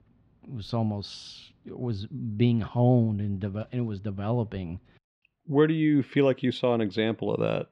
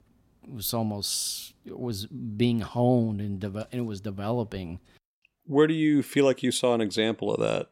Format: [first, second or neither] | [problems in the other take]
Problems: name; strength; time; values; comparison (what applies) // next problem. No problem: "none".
second | muffled; slightly; fading above 3.5 kHz